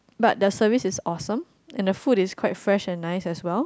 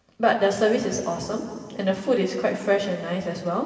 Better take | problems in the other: first | room echo; dies away in 2.7 s

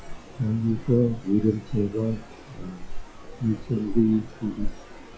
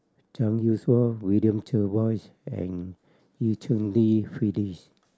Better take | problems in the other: second | noise reduction (classical method log-MMSE)

